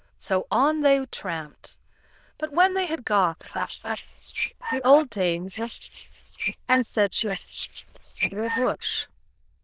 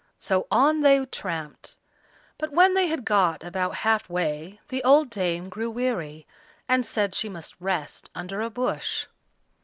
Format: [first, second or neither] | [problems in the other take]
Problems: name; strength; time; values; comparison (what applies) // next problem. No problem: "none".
second | noise reduction (neural diffusion model UNIVERSE++)